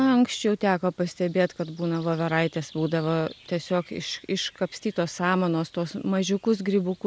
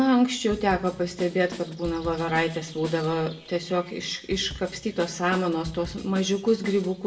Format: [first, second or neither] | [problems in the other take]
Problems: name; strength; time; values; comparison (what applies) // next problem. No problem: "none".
first | background sound (Drum kit); 16 dB below the speech // room echo; dies away in 0.5 s